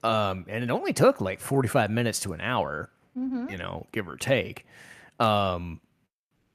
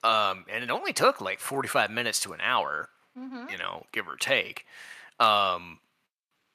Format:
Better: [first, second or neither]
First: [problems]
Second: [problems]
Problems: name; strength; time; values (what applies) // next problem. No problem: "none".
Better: first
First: none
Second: thin; somewhat; fading below 900 Hz